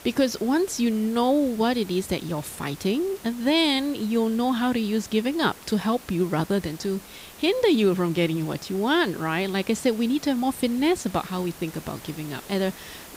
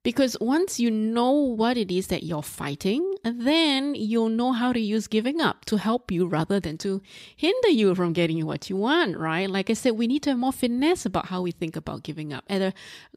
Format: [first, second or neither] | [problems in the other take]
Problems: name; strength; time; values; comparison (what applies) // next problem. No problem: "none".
second | hiss; noticeable; throughout; 20 dB below the speech